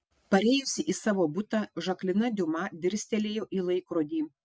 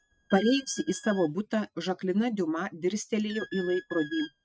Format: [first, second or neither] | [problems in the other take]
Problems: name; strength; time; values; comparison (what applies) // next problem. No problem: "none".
first | noise reduction (neural mask model RNNoise)